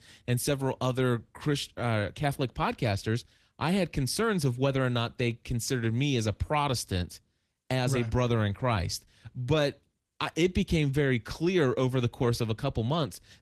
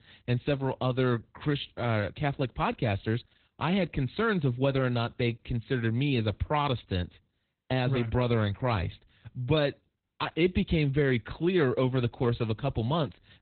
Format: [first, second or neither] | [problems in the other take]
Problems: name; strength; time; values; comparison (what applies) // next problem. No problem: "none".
first | garbled, watery; badly; nothing above 4 kHz; slightly in the first